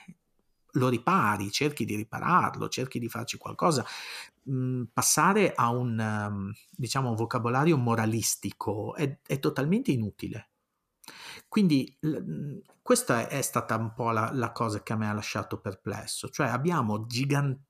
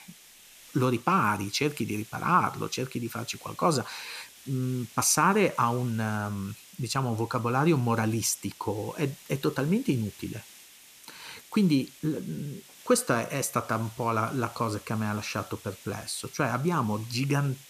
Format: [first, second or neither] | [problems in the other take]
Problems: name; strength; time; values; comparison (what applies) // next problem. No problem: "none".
first | hiss; noticeable; throughout; 20 dB below the speech